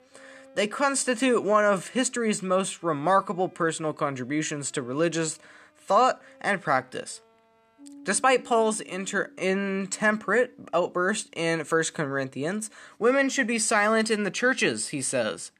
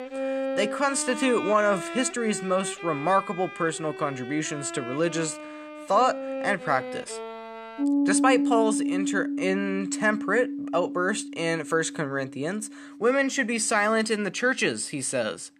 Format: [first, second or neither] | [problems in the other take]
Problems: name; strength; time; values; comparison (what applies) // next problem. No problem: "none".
first | background music; loud; throughout; 6 dB below the speech; faint in the first